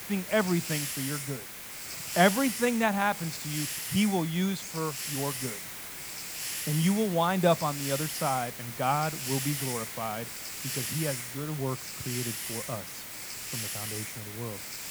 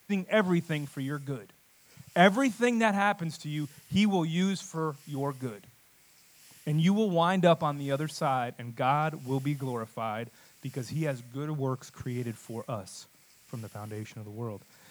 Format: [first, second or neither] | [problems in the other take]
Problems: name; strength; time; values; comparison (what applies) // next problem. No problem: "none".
second | hiss; loud; throughout; 4 dB below the speech; faint in the second